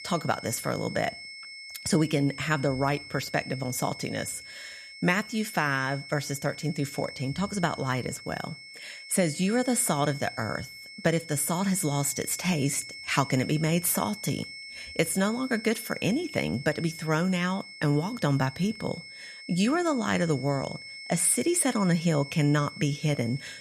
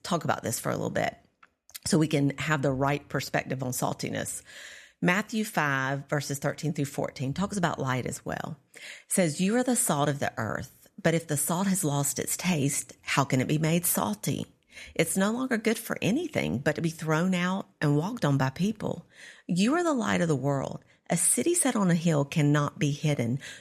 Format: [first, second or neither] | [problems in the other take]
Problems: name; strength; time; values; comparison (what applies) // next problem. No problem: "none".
second | high-pitched whine; noticeable; throughout; 2 kHz, 15 dB below the speech